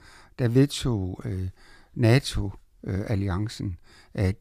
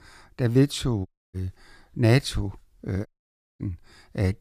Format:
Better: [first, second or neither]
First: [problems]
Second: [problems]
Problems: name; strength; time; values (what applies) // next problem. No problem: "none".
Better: first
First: none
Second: audio cutting out; at 1 s and at 3 s for 0.5 s